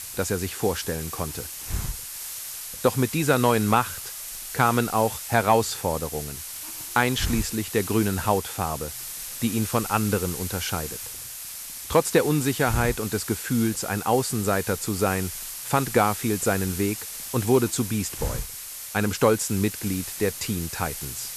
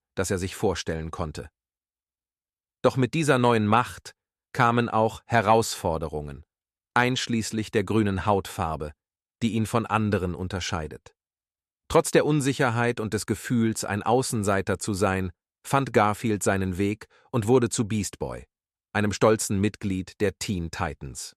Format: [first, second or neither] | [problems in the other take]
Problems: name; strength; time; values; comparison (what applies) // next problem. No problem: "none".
second | hiss; loud; throughout; 7 dB below the speech